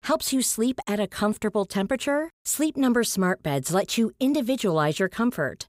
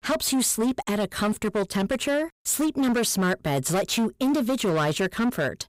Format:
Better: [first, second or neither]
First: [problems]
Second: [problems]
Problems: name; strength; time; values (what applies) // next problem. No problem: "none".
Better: first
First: none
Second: distortion; slight; 18% of the sound clipped